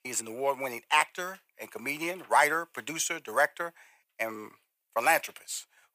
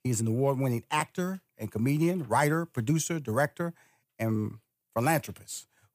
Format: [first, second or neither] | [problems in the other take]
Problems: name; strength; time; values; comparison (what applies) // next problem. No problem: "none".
second | thin; very; fading below 700 Hz